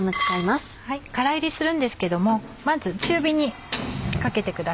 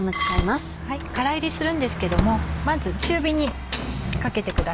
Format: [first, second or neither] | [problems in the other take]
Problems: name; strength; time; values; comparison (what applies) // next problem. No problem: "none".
first | background sound (Bus + Slam); 3 dB below the speech